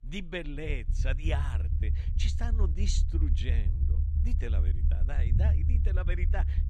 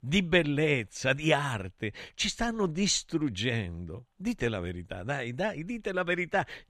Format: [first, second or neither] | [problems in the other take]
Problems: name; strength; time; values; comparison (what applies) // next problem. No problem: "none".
second | low rumble; loud; throughout; 7 dB below the speech